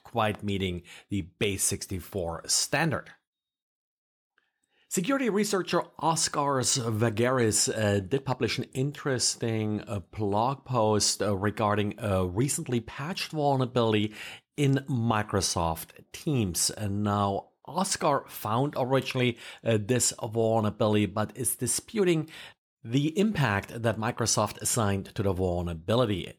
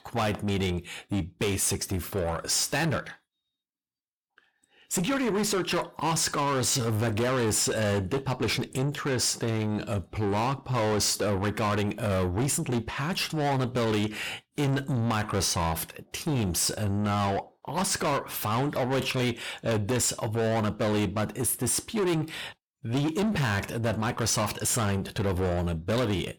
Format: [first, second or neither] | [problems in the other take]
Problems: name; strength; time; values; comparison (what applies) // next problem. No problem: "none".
first | distortion; heavy; 7 dB below the speech